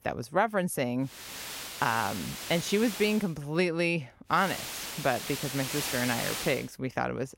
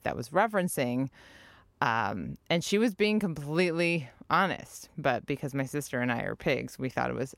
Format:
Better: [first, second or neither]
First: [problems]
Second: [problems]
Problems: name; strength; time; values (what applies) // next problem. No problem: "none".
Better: second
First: hiss; loud; from 1 to 3 s and from 4.5 to 6.5 s; 6 dB below the speech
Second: none